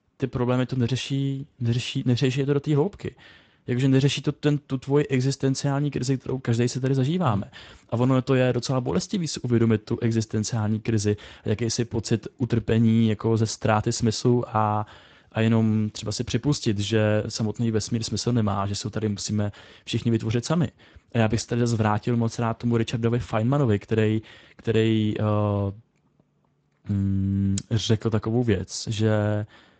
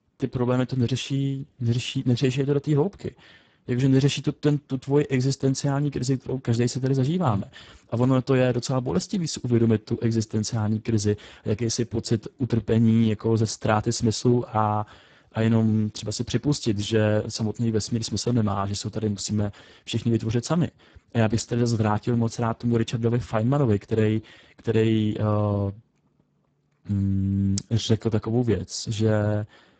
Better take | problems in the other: first | garbled, watery; badly; nothing above 8 kHz; slightly in the first

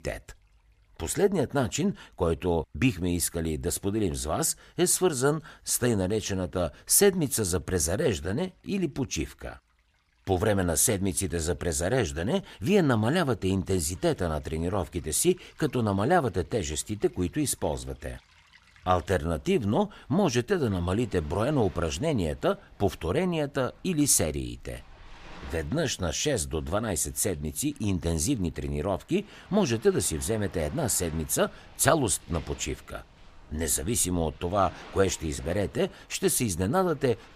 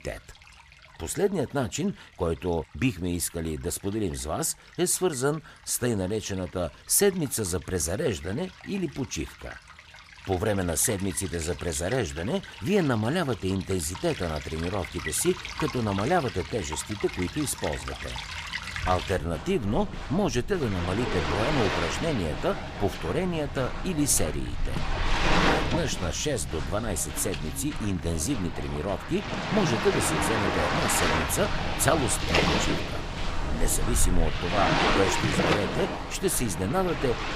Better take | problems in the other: first | rain or running water; loud; throughout; 2 dB below the speech; faint in the first

